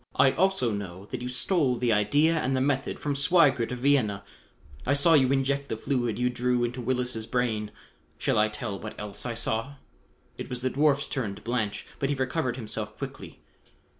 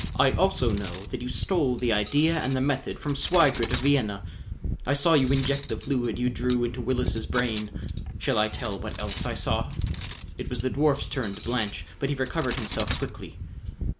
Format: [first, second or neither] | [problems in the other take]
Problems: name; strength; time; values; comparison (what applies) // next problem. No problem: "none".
first | background sound (Cutlery, silverware); 6 dB below the speech